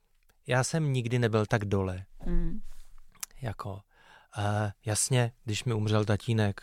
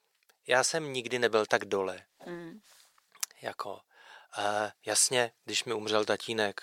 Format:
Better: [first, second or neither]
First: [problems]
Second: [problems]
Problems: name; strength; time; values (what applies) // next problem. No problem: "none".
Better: first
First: none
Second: thin; very; fading below 450 Hz